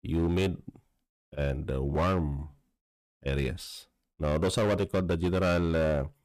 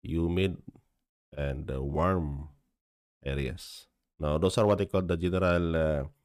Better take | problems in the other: second | distortion; slight; 9% of the sound clipped

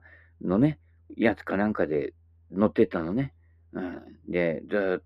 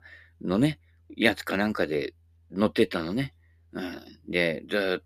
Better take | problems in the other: second | muffled; very; fading above 2.5 kHz

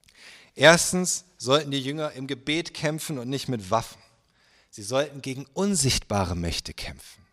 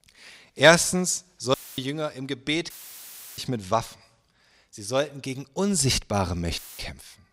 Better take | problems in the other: first | audio cutting out; filled with static; at 1.5 s, at 2.5 s for 0.5 s and at 6.5 s

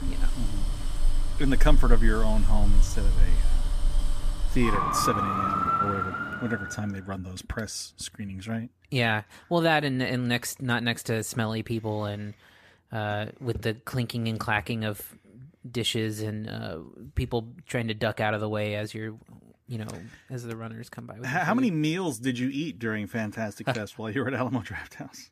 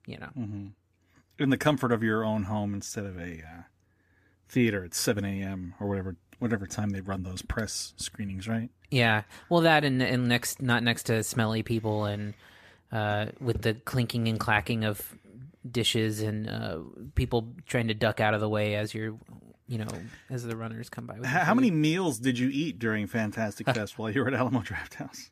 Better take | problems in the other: second | traffic noise; very loud; until 6.5 s; 1 dB above the speech

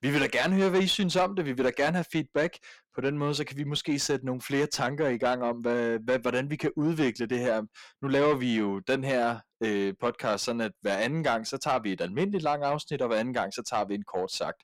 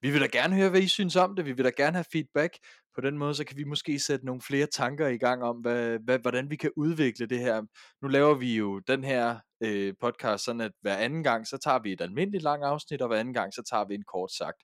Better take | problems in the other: second | distortion; slight; 10 dB below the speech

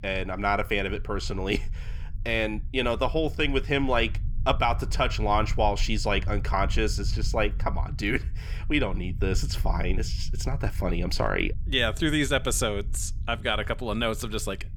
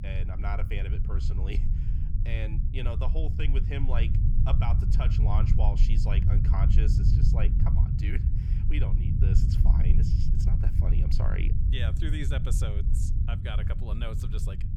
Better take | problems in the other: first | low rumble; loud; throughout; 2 dB below the speech; faint in the first

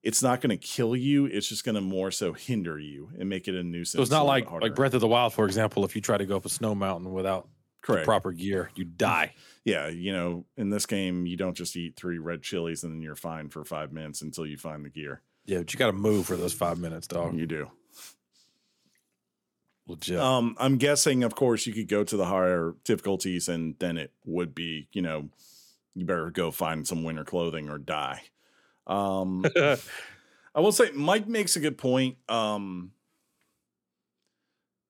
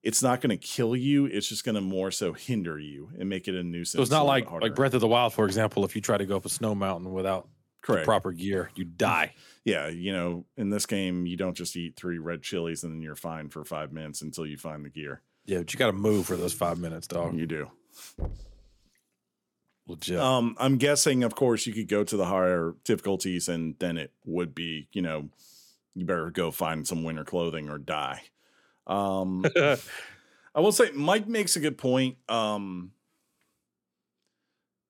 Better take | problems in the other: first | door banging; faint; at 18 s; peak 10 dB below the speech

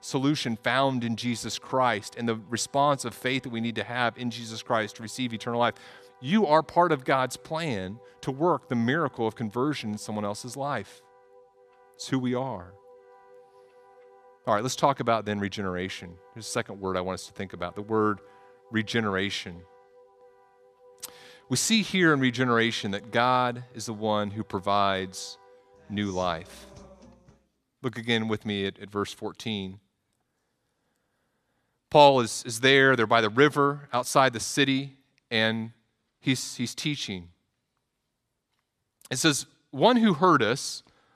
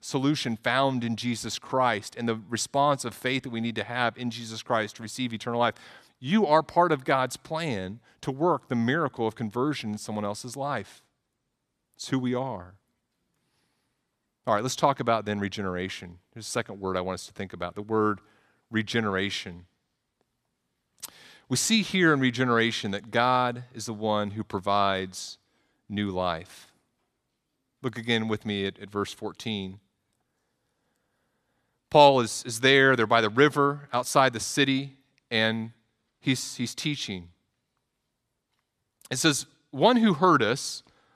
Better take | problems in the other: second | background music; faint; until 27 s; 30 dB below the speech

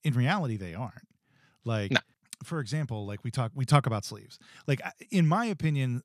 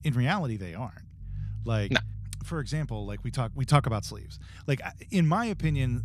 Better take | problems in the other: first | low rumble; faint; throughout; 25 dB below the speech

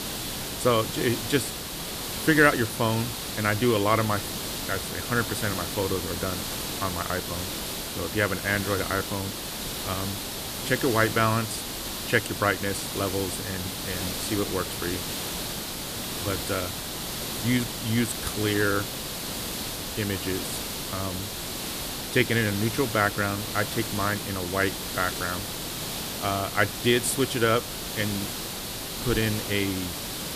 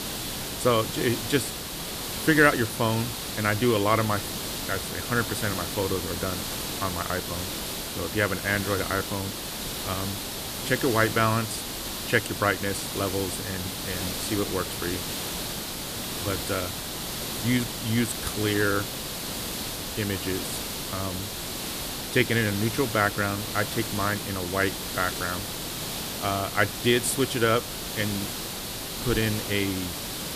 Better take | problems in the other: neither | hiss; loud; throughout; 4 dB below the speech; the same in both

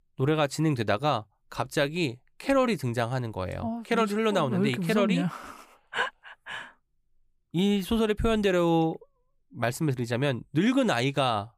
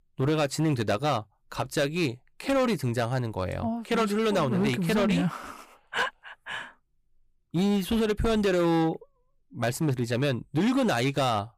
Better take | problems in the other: first | distortion; slight; 9% of the sound clipped

